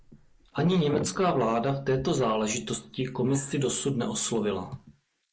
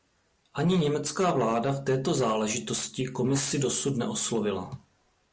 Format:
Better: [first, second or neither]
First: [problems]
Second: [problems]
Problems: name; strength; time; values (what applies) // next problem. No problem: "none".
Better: second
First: noise reduction (neural mask model Resemble Enhance denoiser)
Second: none